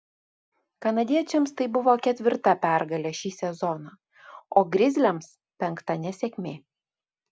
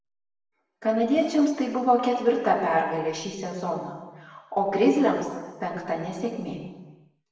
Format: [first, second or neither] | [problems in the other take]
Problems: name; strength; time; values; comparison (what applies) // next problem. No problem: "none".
first | background sound (Drill); 20 dB below the speech // room echo; dies away in 1.1 s